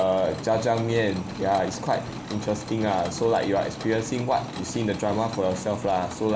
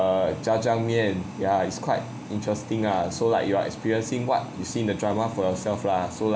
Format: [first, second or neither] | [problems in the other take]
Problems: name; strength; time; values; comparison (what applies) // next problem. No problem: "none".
second | background sound (Mechanisms); 15 dB below the speech